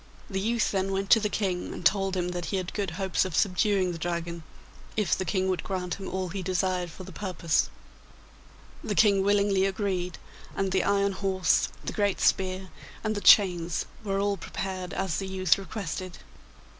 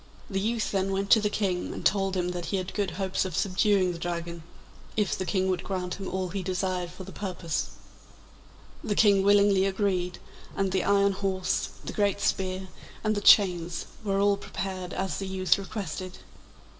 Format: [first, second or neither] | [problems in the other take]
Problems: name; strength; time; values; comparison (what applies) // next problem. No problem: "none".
first | room echo; dies away in 0.9 s